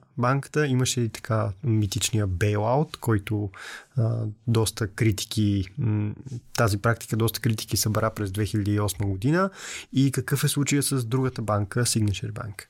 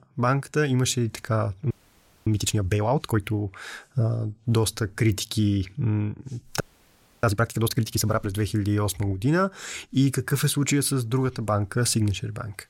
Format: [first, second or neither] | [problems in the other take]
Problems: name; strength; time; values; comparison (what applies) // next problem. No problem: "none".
first | audio freezing; at 1.5 s for 0.5 s and at 6.5 s for 0.5 s